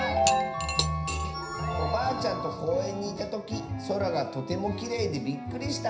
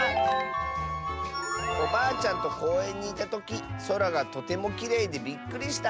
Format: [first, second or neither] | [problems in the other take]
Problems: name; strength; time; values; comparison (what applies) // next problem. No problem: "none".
second | background sound (Cutlery, silverware / Dishes, pots, and pans); 5 dB below the speech // room echo; dies away in 0.5 s